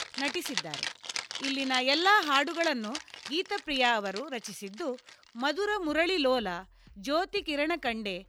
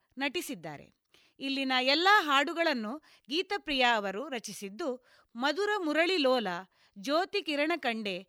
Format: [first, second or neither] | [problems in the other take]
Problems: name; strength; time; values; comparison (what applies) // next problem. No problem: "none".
second | background music; loud; throughout; 8 dB below the speech